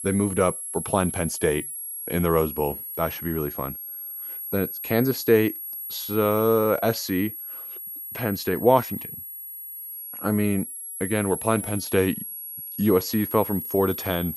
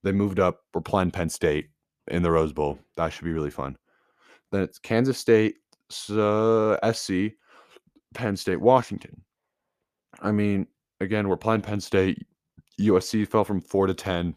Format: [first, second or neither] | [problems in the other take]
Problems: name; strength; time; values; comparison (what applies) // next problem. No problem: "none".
second | high-pitched whine; loud; throughout; 11.5 kHz, 7 dB below the speech